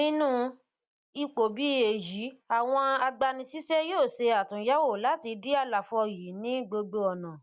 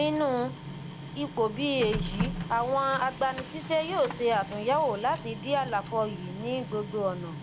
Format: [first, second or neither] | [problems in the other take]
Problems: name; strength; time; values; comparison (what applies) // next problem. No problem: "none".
first | background sound (Printer); 8 dB below the speech